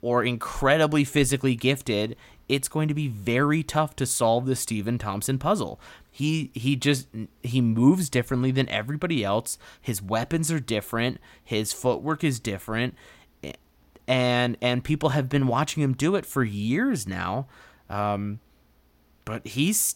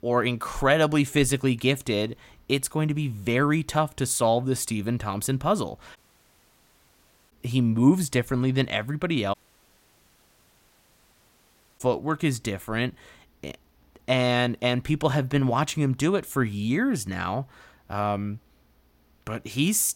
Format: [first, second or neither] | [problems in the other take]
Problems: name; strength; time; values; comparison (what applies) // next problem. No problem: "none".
first | audio cutting out; at 6 s for 1.5 s and at 9.5 s for 2.5 s